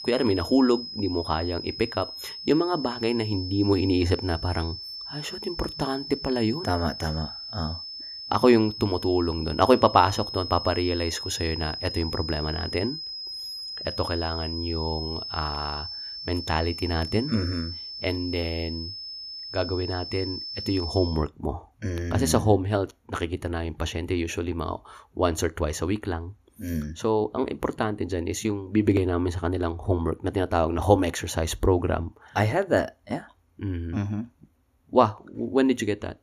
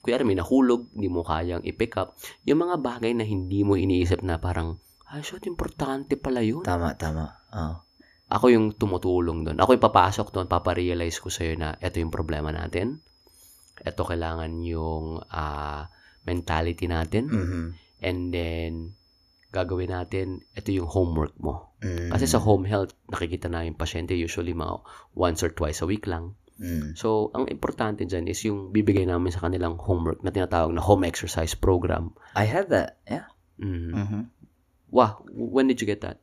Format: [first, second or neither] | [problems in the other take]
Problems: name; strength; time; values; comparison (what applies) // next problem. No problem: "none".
second | high-pitched whine; loud; until 21 s; 5.5 kHz, 7 dB below the speech; faint in the second